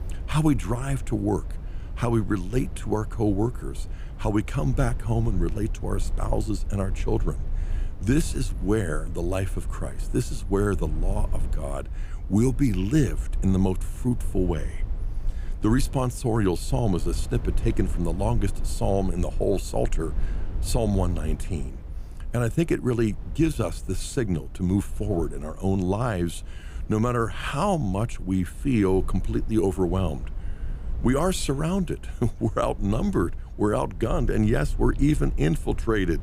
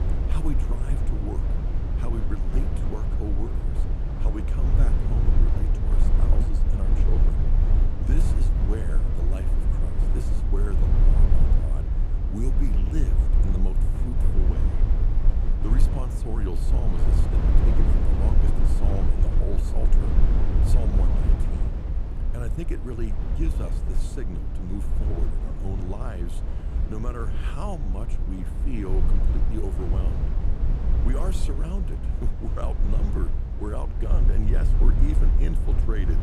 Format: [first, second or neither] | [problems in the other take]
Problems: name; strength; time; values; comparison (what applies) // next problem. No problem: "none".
first | low rumble; loud; throughout; as loud as the speech; faint in the first